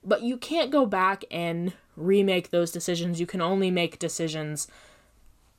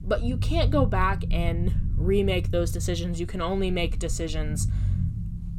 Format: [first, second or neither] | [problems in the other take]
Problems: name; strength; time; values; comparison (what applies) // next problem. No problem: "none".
first | low rumble; noticeable; throughout; 15 dB below the speech